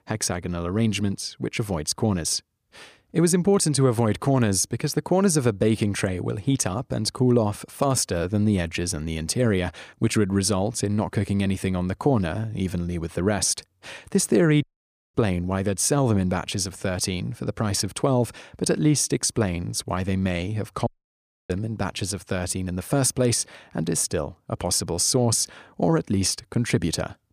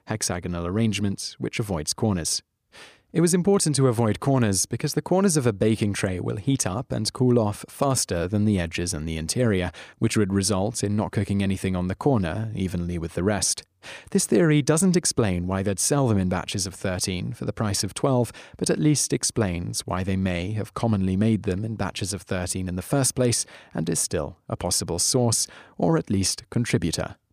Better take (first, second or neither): second